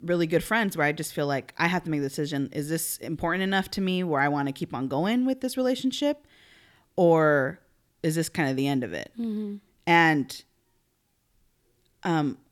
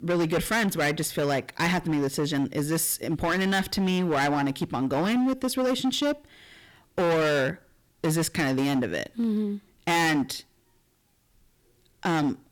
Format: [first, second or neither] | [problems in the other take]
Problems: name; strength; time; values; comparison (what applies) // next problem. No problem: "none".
first | distortion; heavy; 17% of the sound clipped